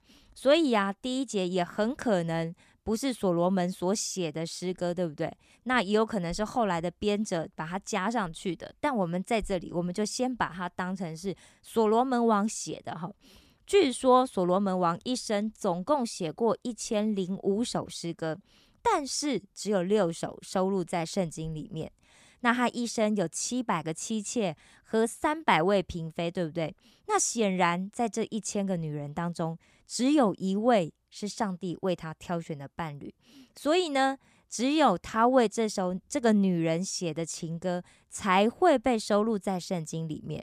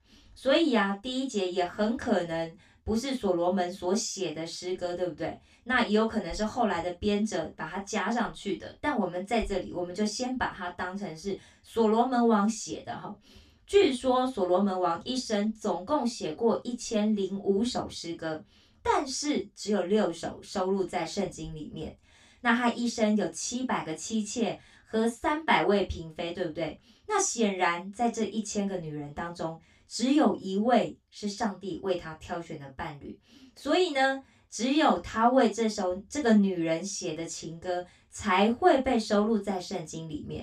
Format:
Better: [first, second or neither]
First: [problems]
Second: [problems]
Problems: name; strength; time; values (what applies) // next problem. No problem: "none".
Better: first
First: none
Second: room echo; very slight; dies away in 0.2 s // off-mic speech; far